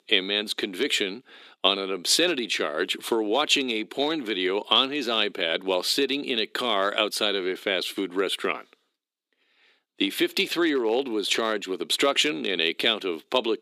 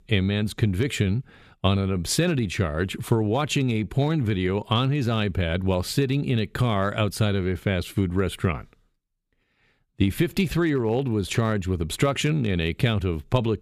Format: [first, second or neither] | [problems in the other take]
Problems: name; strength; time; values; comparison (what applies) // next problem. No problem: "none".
second | thin; somewhat; fading below 300 Hz